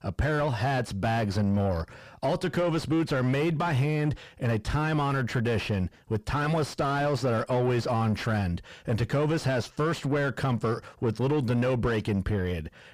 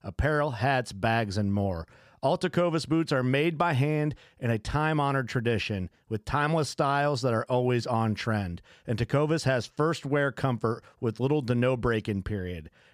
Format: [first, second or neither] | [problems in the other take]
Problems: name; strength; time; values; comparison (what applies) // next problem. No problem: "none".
second | distortion; heavy; 8 dB below the speech